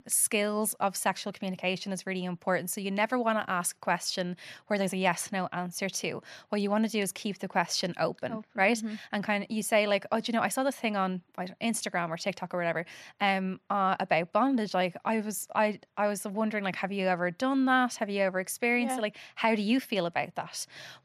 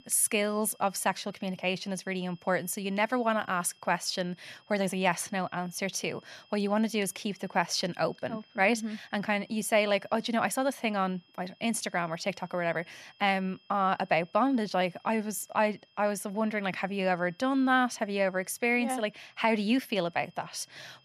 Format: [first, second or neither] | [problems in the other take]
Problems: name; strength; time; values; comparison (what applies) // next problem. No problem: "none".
first | high-pitched whine; faint; throughout; 3 kHz, 30 dB below the speech